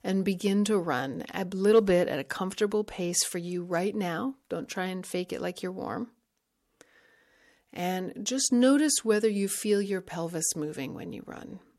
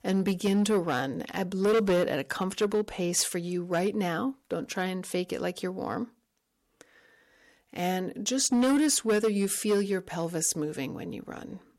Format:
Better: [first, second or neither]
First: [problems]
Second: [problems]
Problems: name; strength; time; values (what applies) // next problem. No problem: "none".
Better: first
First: none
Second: distortion; slight; 5% of the sound clipped